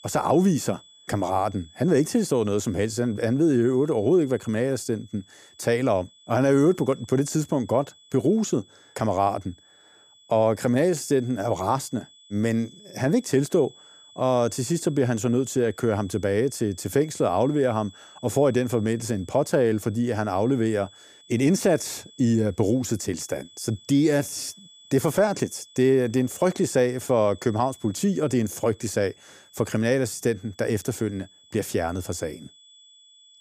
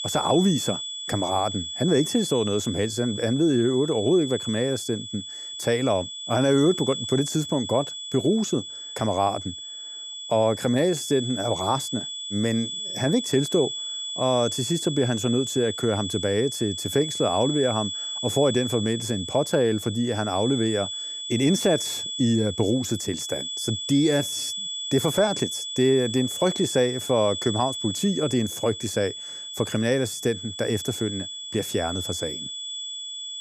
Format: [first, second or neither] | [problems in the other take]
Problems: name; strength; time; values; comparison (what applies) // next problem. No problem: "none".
first | high-pitched whine; loud; throughout; 3.5 kHz, 6 dB below the speech; faint in the first